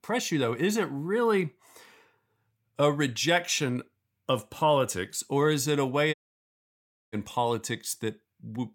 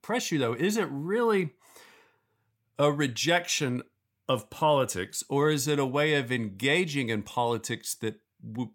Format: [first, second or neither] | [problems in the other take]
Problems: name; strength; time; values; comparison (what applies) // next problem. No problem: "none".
second | audio cutting out; at 6 s for 1 s